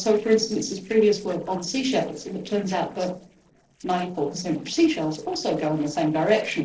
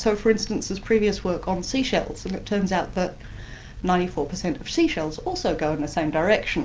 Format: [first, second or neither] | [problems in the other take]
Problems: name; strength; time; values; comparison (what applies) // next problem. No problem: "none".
second | noise reduction (neural separator model SepFormer DNS4)